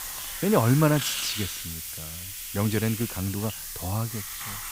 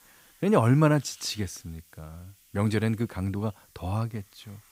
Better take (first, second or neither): second